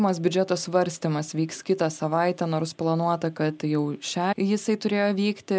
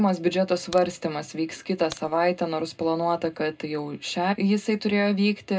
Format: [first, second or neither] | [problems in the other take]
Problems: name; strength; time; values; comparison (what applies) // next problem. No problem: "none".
first | background sound (Crack); 19 dB below the speech // room echo; dies away in 0.2 s